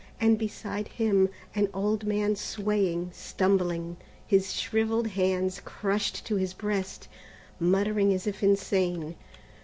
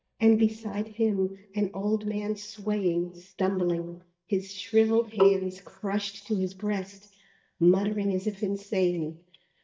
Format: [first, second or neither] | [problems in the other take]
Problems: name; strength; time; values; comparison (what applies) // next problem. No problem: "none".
first | noise reduction (neural mask model DeepFilterNet 3)